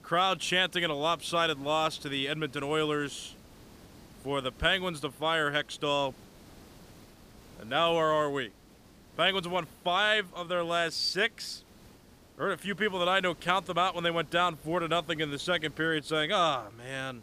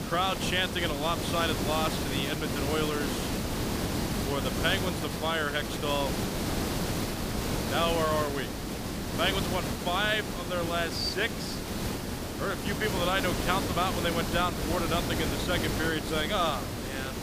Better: first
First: hiss; faint; throughout; 25 dB below the speech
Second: hiss; loud; throughout; 1 dB below the speech

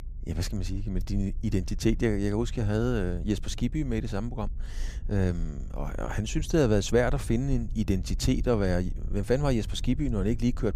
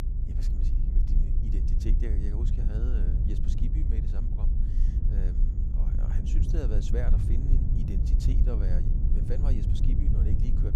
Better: first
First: low rumble; faint; throughout; 25 dB below the speech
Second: low rumble; loud; throughout; as loud as the speech

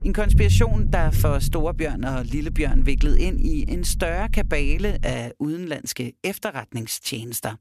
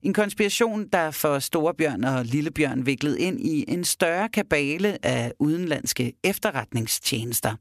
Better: second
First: low rumble; noticeable; until 5 s; 10 dB below the speech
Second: none

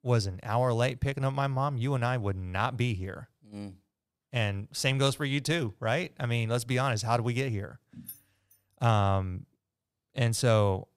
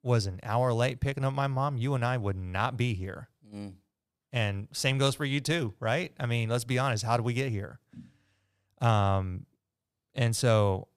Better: second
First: jangling keys; faint; at 8 s; peak 15 dB below the speech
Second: none

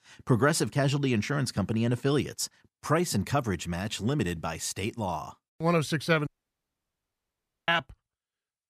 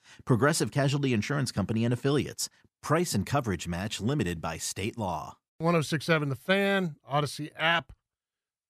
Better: second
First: audio cutting out; at 6.5 s for 1.5 s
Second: none

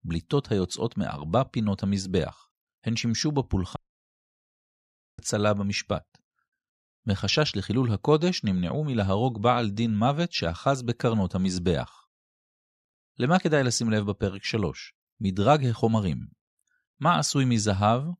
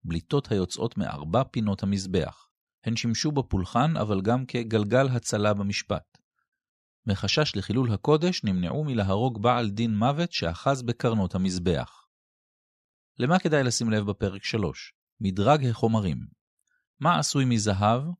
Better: second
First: audio cutting out; at 4 s for 1.5 s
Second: none

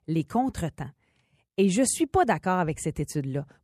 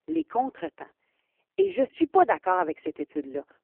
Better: first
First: none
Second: phone-call audio; poor line

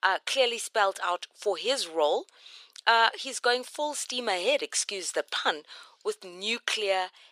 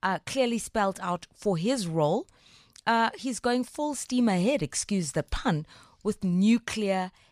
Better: second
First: thin; very; fading below 400 Hz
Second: none

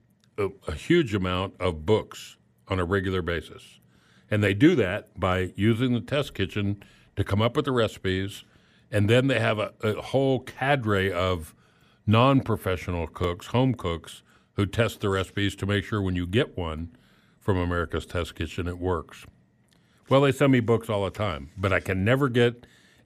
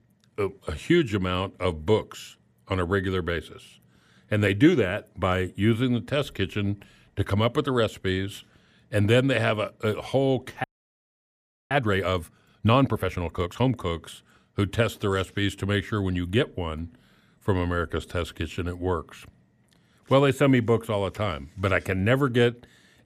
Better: first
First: none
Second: audio freezing; at 11 s for 1 s

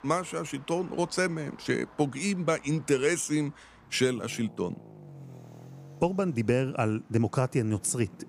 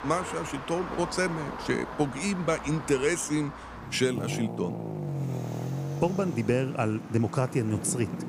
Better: first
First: traffic noise; faint; throughout; 20 dB below the speech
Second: traffic noise; loud; throughout; 8 dB below the speech

